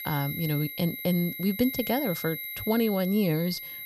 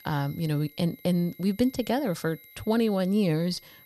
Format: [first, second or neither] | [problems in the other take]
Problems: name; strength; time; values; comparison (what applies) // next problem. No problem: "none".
second | high-pitched whine; loud; throughout; 2 kHz, 7 dB below the speech; faint in the second